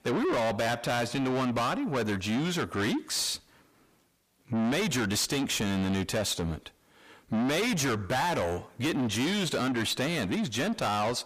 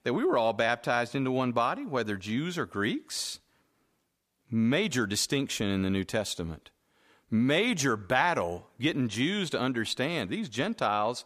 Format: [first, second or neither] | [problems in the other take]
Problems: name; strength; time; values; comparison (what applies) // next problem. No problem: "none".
second | distortion; heavy; 6 dB below the speech